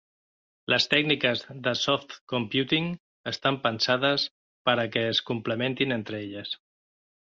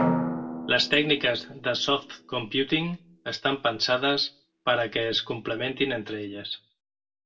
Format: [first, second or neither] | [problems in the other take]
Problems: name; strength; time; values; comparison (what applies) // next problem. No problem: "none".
first | background sound (Drum); 8 dB below the speech // room echo; dies away in 0.2 s